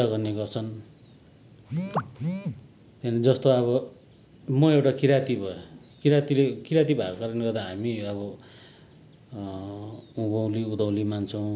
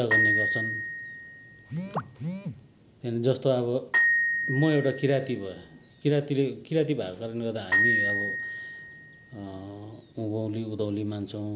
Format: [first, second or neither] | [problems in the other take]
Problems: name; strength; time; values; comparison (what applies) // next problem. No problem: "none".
first | background sound (Glockenspiel); 1 dB below the speech